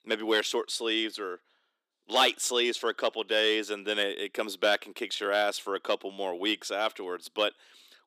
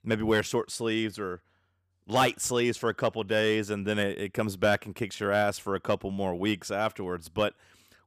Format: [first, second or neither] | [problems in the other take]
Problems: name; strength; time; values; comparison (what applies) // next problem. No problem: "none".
second | thin; somewhat; fading below 300 Hz